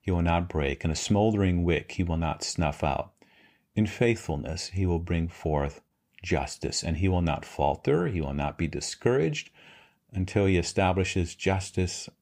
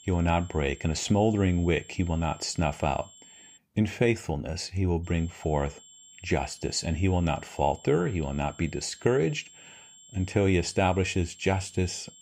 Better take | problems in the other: first | high-pitched whine; faint; until 3.5 s and from 5 s on; 7.5 kHz, 20 dB below the speech

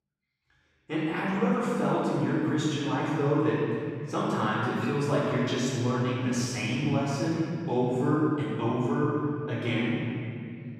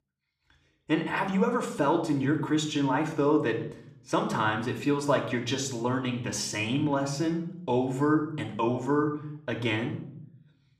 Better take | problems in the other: second | room echo; strong; dies away in 2.7 s; slight in the second // off-mic speech; far; somewhat distant in the second

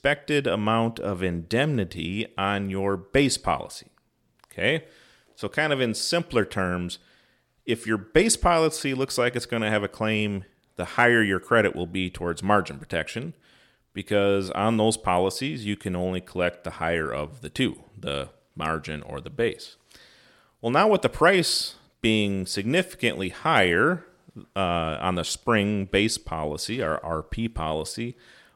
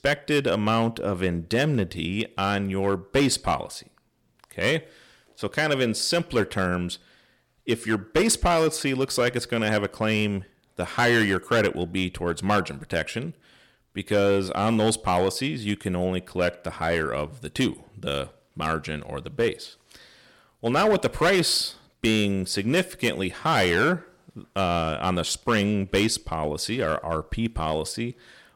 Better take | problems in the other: first | distortion; slight; 4% of the sound clipped

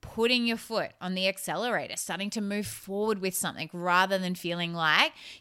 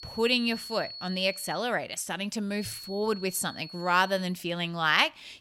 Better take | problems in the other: first | high-pitched whine; noticeable; until 1.5 s and from 2.5 to 4.5 s; 4.5 kHz, 15 dB below the speech

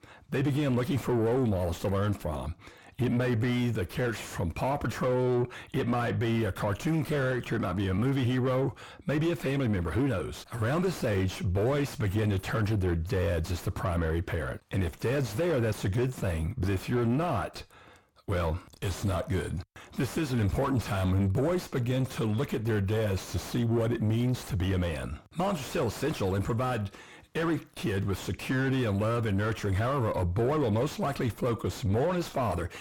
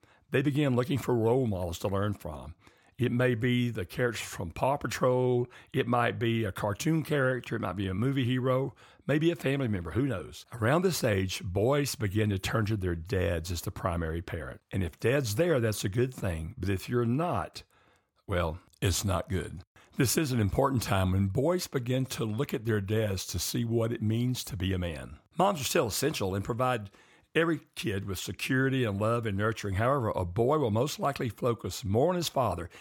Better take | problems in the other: second | distortion; heavy; 5 dB below the speech

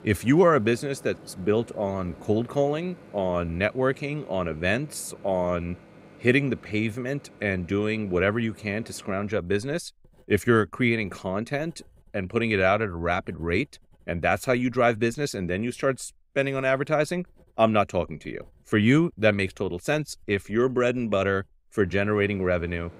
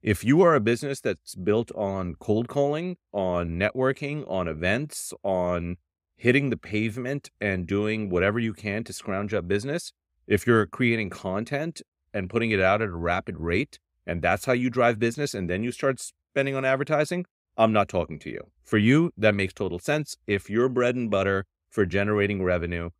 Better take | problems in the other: second | household noises; faint; throughout; 25 dB below the speech

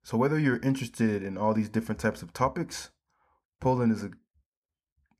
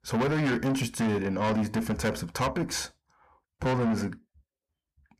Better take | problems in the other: first | distortion; heavy; 6 dB below the speech

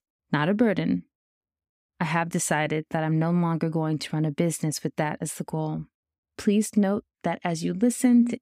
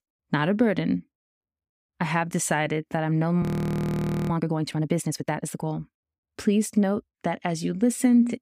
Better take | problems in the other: first | audio freezing; at 3.5 s for 1 s

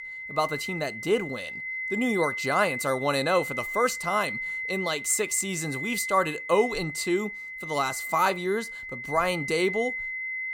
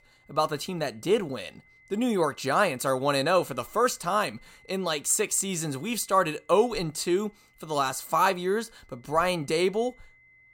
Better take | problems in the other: second | high-pitched whine; loud; throughout; 2 kHz, 5 dB below the speech; faint in the second

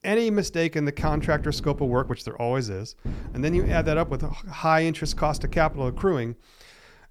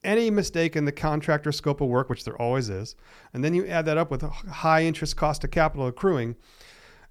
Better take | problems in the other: second | wind noise on the microphone; occasional gusts; from 1 to 2 s, from 3 to 4.5 s and from 5 to 6 s; 20 dB below the speech

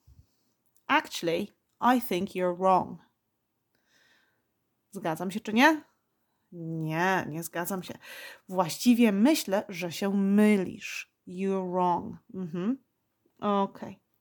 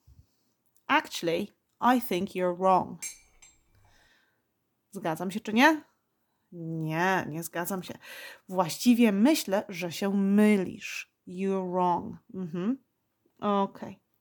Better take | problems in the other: first | clattering dishes; faint; at 3 s; peak 10 dB below the speech

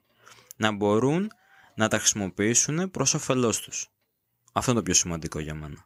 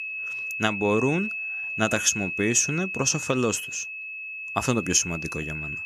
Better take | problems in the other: first | high-pitched whine; loud; throughout; 2.5 kHz, 5 dB below the speech

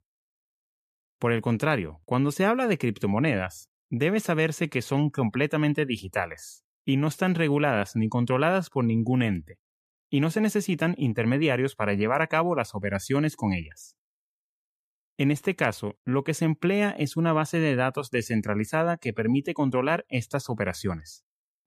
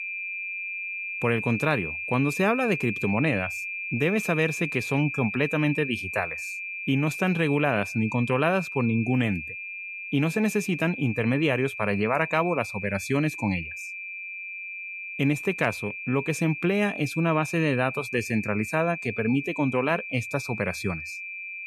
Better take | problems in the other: first | high-pitched whine; loud; throughout; 2.5 kHz, 6 dB below the speech

